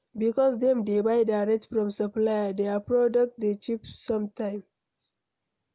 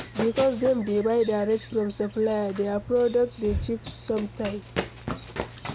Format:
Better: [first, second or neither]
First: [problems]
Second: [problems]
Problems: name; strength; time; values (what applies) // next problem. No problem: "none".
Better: first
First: none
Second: background sound (Run + Breathing); 10 dB below the speech